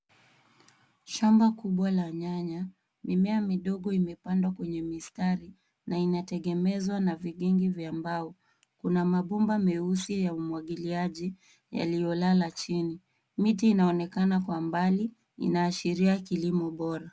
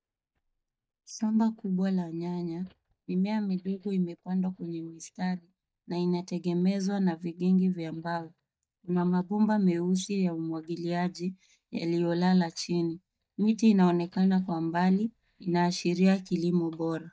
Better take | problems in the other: first | noise reduction (neural mask model DeepFilterNet 3)

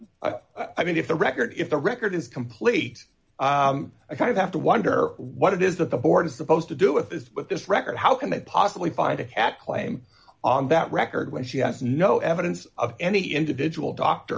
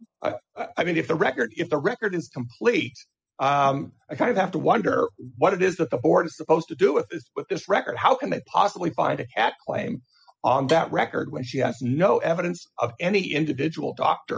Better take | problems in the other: first | noise reduction (classical method spectral subtraction)

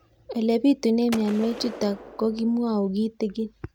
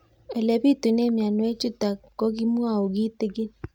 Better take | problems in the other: second | background sound (Gunshot, gunfire); 15 dB below the speech

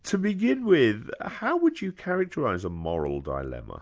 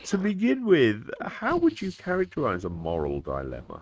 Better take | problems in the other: first | noise reduction (neural mask model RNNoise)

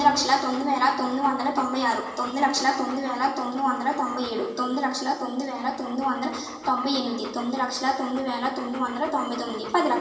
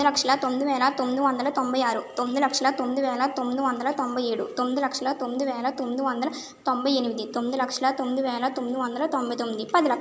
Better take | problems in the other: second | background sound (Dog); 16 dB below the speech // room echo; dies away in 1.2 s

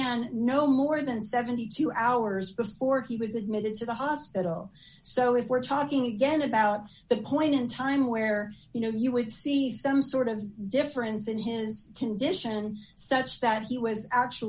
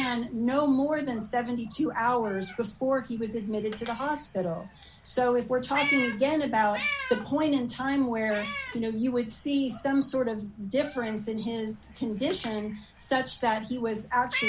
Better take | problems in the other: first | background sound (Meow); 11 dB below the speech

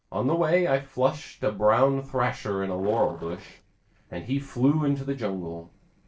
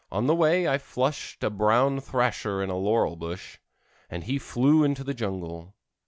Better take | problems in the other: second | noise reduction (neural separator model SepFormer DNS4)

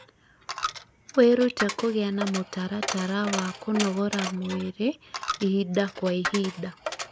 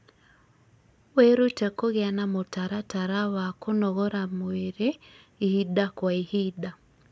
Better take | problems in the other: second | background sound (Coin (dropping)); 8 dB below the speech

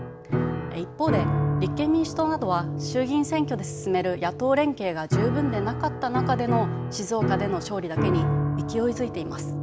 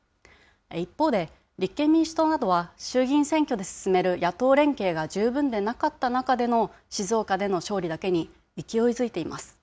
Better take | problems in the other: second | background sound (Piano); 1 dB below the speech

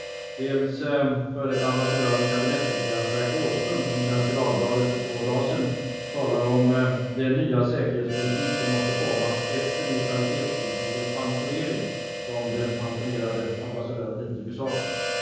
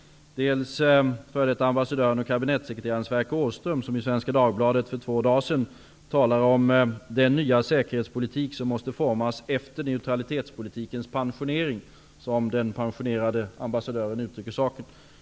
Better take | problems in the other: second | background sound (Harmonica); 5 dB below the speech // room echo; dies away in 1.3 s

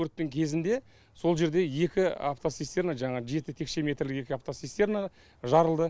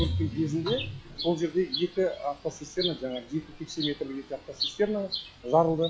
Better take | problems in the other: first | noise reduction (classical method log-MMSE)

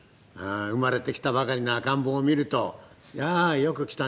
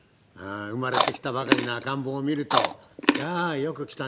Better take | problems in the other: first | background sound (Chewing, mastication); 2 dB above the speech

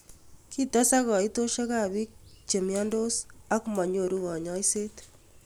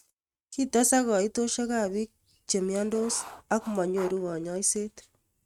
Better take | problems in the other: first | noise reduction (neural mask model RNNoise)

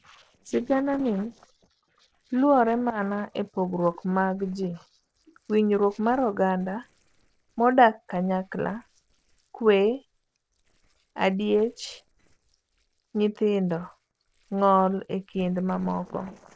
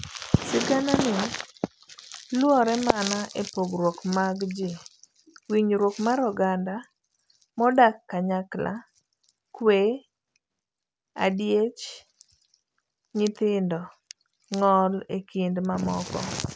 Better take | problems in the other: second | noise reduction (neural separator model SepFormer DNS4)

